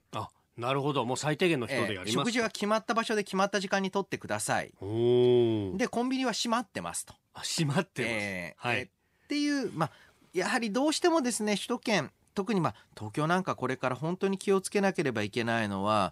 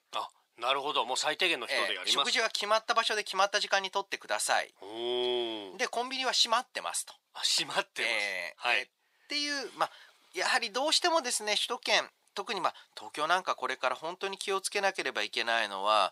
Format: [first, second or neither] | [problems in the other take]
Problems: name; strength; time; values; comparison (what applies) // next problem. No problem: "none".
first | thin; very; fading below 700 Hz